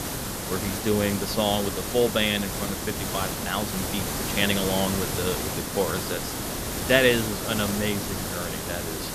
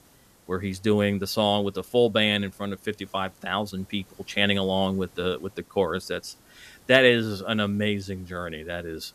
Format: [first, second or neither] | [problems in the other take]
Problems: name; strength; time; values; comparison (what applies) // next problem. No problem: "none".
second | hiss; loud; throughout; 2 dB below the speech; faint in the second